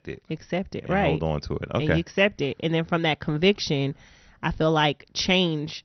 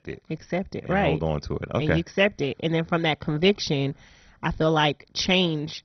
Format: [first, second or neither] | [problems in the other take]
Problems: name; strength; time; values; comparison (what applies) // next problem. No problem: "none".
first | garbled, watery; badly; nothing above 6 kHz; slightly in the first